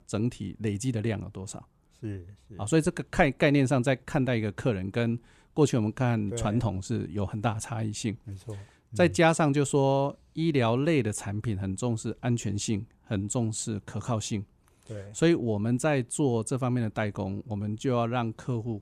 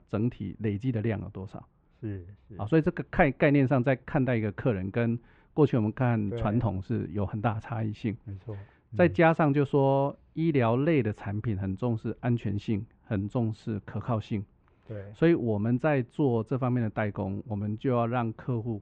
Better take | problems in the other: first | muffled; very; fading above 2.5 kHz

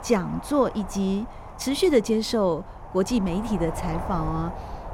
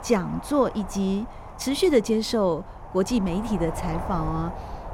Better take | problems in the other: neither | wind noise on the microphone; heavy; 10 dB below the speech; the same in both

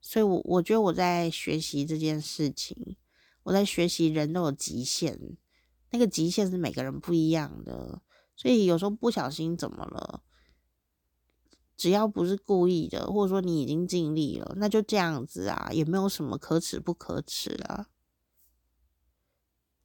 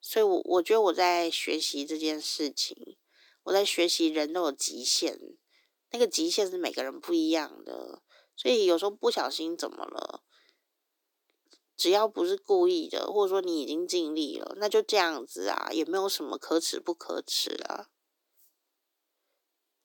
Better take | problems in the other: first | thin; very; fading below 300 Hz

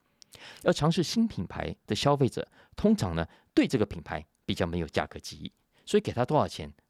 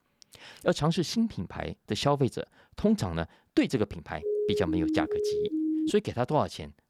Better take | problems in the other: first | siren; loud; from 4 to 6 s; peak 1 dB above the speech

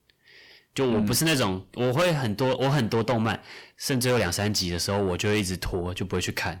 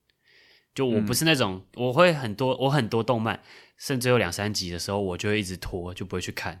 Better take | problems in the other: second | distortion; heavy; 7 dB below the speech

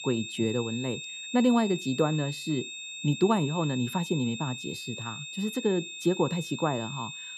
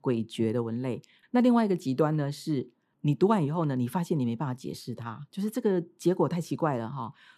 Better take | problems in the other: second | high-pitched whine; loud; throughout; 2.5 kHz, 8 dB below the speech

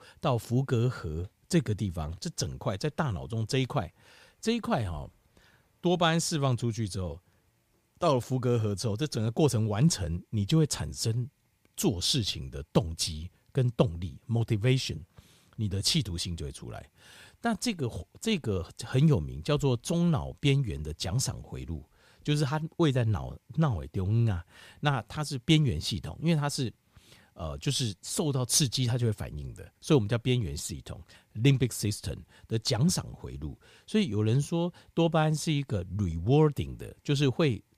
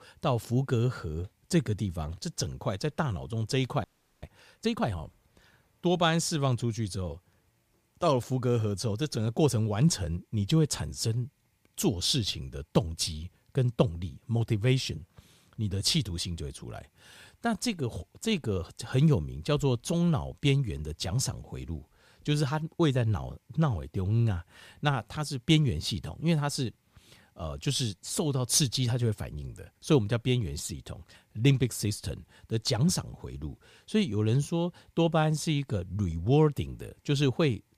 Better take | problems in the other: first | audio freezing; at 4 s

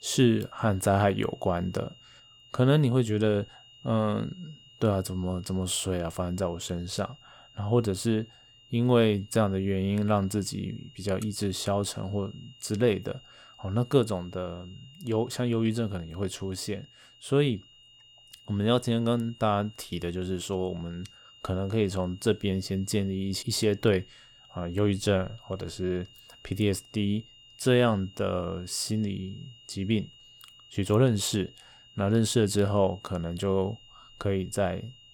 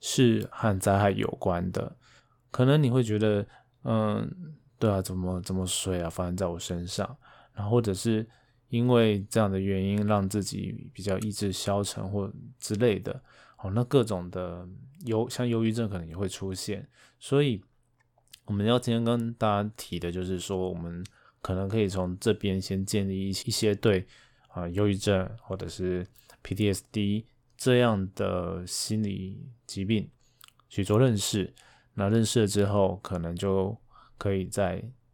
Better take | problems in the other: second | high-pitched whine; faint; throughout; 3 kHz, 25 dB below the speech

